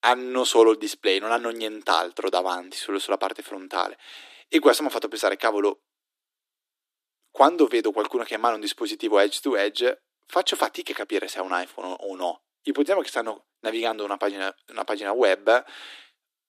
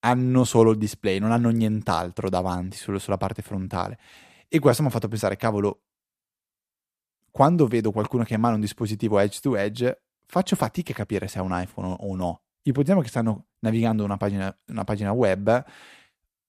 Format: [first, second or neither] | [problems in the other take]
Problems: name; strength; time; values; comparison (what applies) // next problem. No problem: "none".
second | thin; somewhat; fading below 300 Hz